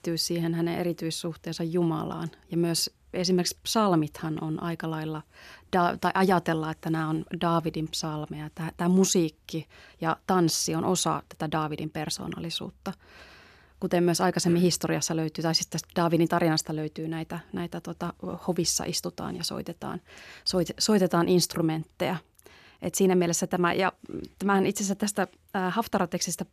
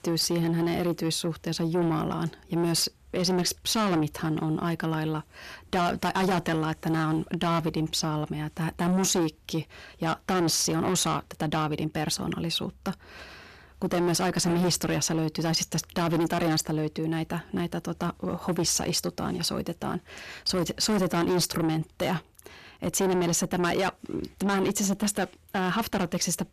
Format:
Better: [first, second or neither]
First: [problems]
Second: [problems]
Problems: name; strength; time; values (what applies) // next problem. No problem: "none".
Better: first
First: none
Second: distortion; heavy; 6 dB below the speech